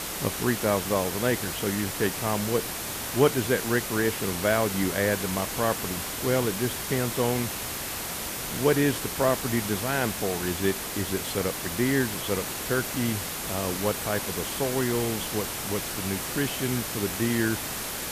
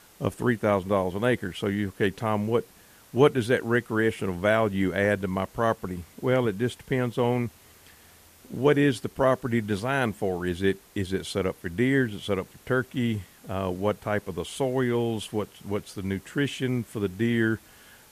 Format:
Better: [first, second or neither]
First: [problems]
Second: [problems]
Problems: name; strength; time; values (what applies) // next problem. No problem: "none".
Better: second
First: hiss; loud; throughout; 3 dB below the speech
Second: hiss; faint; throughout; 25 dB below the speech